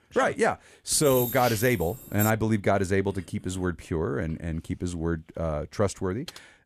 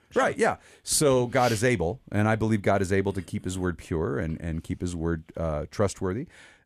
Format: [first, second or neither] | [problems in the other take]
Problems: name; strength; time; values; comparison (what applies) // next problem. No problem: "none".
second | jangling keys; noticeable; from 1 to 2.5 s; peak 4 dB below the speech // keyboard typing; faint; at 6.5 s; peak 15 dB below the speech